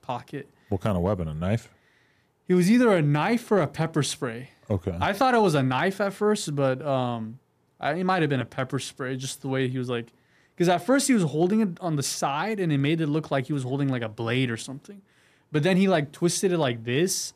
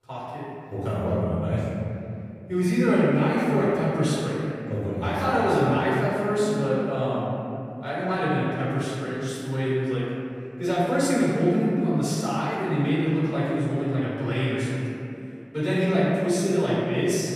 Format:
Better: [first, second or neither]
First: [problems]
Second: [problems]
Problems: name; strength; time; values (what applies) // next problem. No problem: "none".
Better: first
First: none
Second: off-mic speech; far // room echo; strong; dies away in 2.6 s